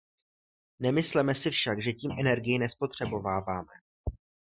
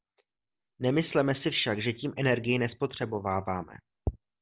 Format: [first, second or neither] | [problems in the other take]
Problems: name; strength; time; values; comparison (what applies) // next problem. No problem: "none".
second | noise reduction (classical method Wiener filter)